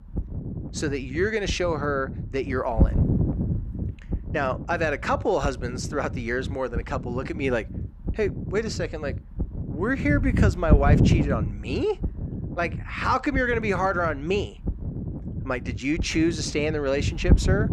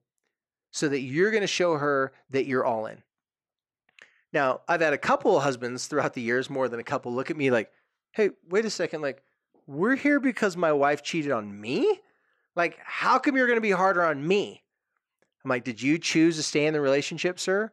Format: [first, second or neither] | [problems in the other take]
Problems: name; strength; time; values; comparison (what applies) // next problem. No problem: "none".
second | wind noise on the microphone; occasional gusts; 10 dB below the speech